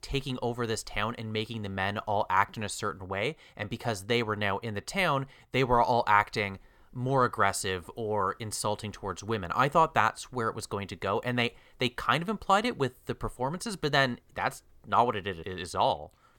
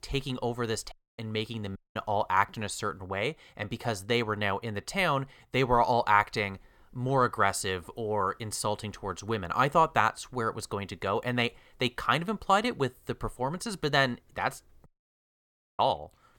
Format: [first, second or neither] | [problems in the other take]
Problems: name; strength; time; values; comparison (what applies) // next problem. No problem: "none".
first | audio cutting out; at 1 s, at 2 s and at 15 s for 1 s